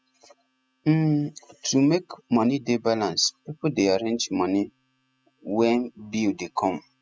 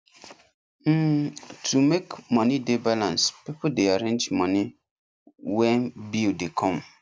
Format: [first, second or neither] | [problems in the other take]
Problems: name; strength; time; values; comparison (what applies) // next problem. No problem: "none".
second | noise reduction (classical method spectral subtraction)